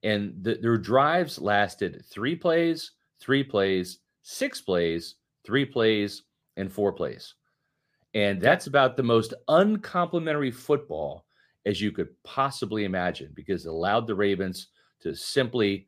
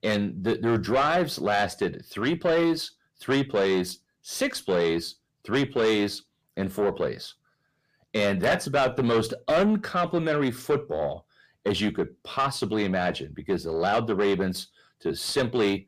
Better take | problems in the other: first | distortion; heavy; 8 dB below the speech

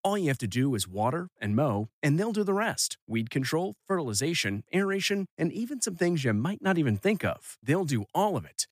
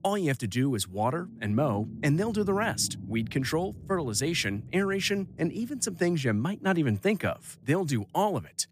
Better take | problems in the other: first | low rumble; faint; throughout; 20 dB below the speech

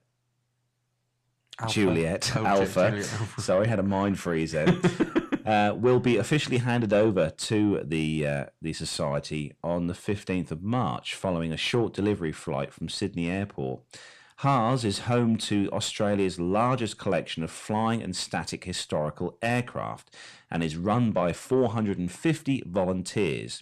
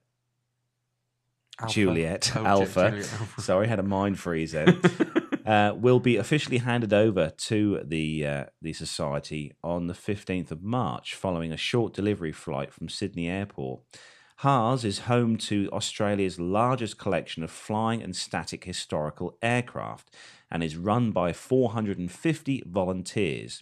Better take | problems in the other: second | distortion; slight; 10 dB below the speech

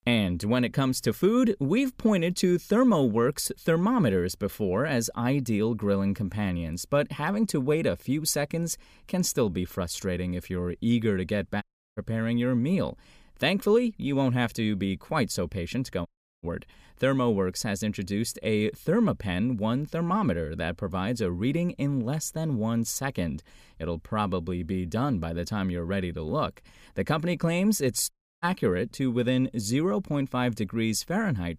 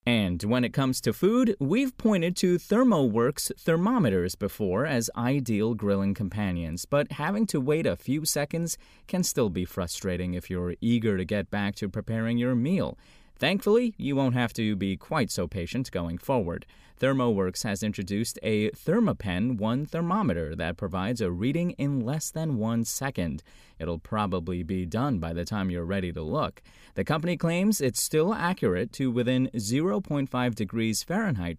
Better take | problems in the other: second | audio cutting out; at 12 s, at 16 s and at 28 s

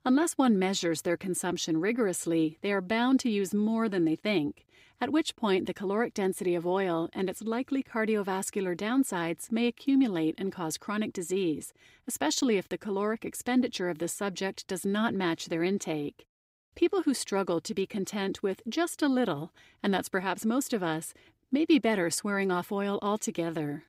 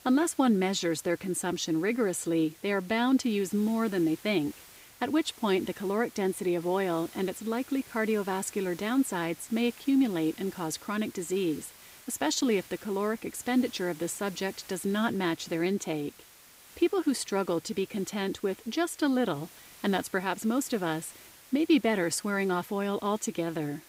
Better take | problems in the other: first | hiss; faint; throughout; 20 dB below the speech

